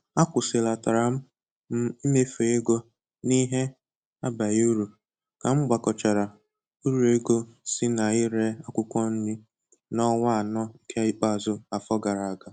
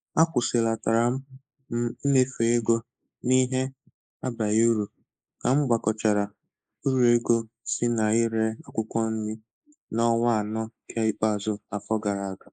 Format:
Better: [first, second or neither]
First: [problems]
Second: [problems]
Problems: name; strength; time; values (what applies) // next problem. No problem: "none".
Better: first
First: none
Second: noise reduction (neural mask model Resemble Enhance denoiser)